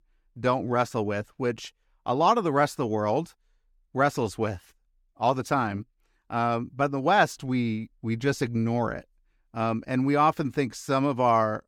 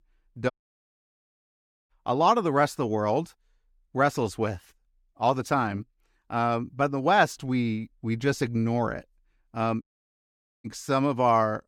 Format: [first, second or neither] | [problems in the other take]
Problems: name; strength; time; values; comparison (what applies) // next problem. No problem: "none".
first | audio cutting out; at 0.5 s for 1.5 s and at 10 s for 1 s